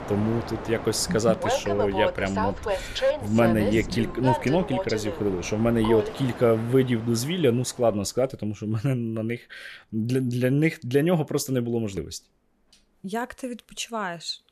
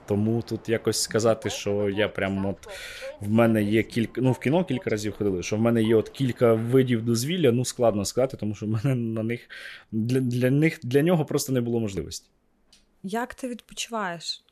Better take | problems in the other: second | train or aircraft noise; loud; until 7.5 s; 5 dB below the speech; faint in the second

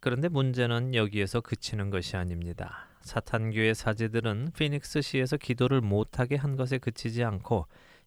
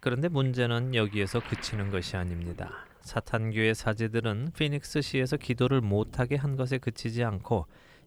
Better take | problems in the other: first | rain or running water; noticeable; throughout; 20 dB below the speech

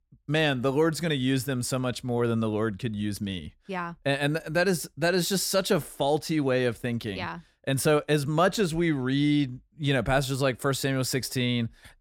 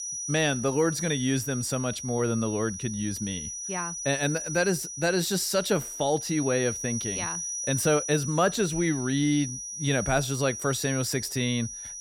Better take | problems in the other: first | high-pitched whine; loud; throughout; 6 kHz, 6 dB below the speech

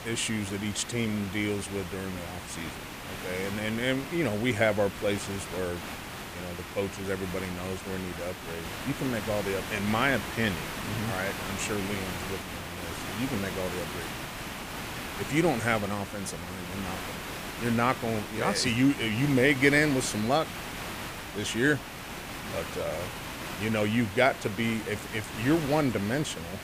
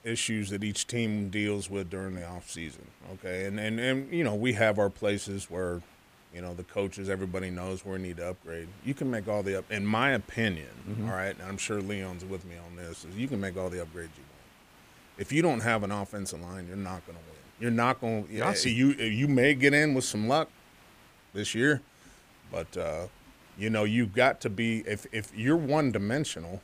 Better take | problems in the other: second | hiss; loud; throughout; 8 dB below the speech; faint in the second

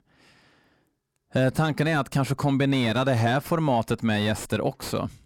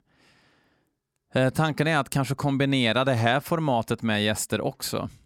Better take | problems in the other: second | distortion; slight; 10 dB below the speech

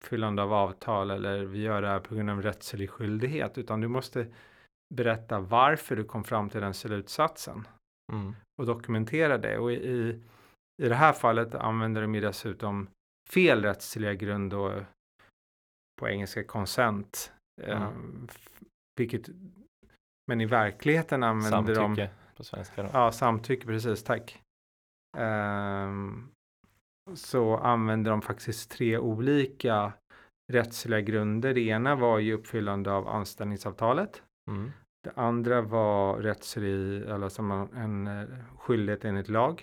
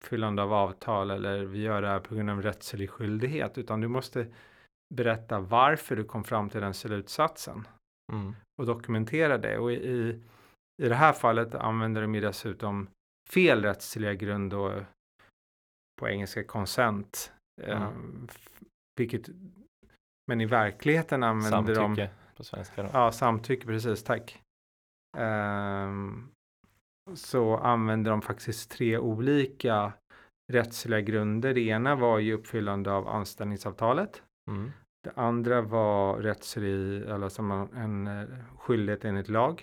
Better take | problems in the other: neither | none

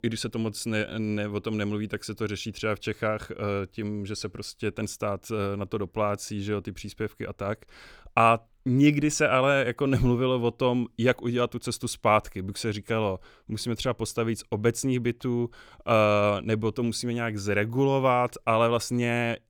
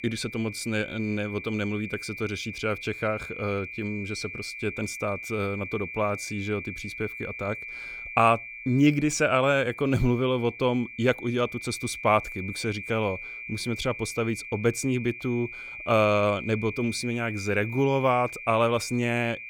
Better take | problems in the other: first | high-pitched whine; loud; throughout; 2.5 kHz, 10 dB below the speech

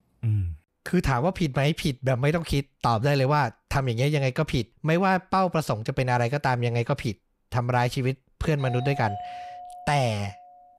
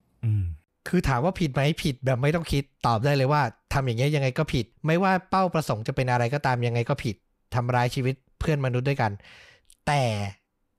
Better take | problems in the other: second | doorbell; noticeable; from 8.5 s on; peak 10 dB below the speech

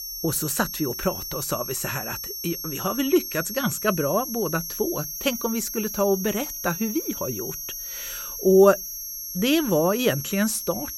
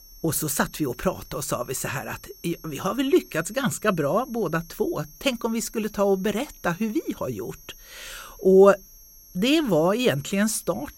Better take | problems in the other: second | high-pitched whine; loud; throughout; 11.5 kHz, 6 dB below the speech; faint in the second

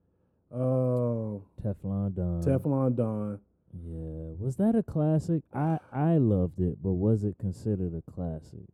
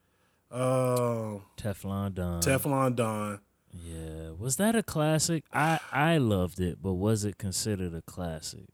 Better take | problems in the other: second | muffled; very; fading above 1 kHz

